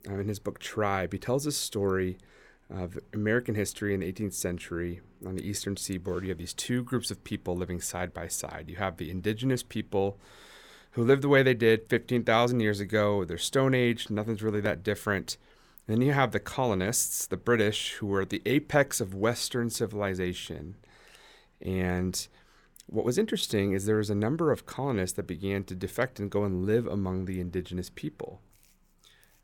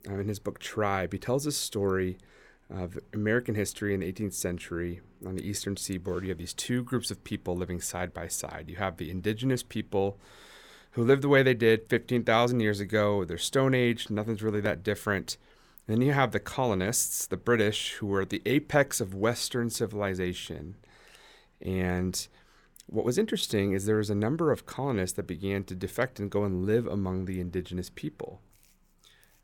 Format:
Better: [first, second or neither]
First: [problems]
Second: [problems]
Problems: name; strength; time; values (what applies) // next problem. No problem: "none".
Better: neither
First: none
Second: none